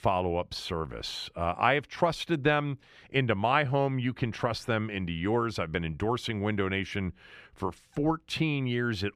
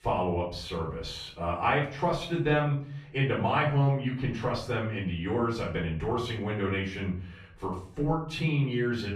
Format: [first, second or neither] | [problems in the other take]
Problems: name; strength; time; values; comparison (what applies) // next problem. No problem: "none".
first | off-mic speech; far // room echo; noticeable; dies away in 0.5 s